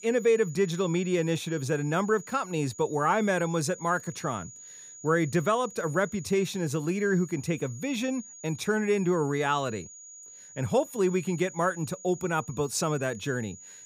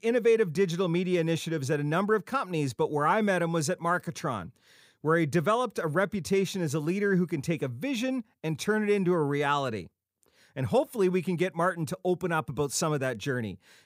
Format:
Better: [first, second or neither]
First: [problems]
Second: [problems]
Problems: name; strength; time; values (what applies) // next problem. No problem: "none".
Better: second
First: high-pitched whine; noticeable; throughout; 7 kHz, 15 dB below the speech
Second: none